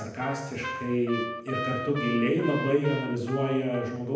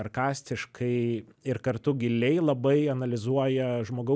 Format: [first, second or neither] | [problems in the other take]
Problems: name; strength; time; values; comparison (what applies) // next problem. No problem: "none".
second | background sound (Trumpet); 9 dB below the speech // room echo; dies away in 0.9 s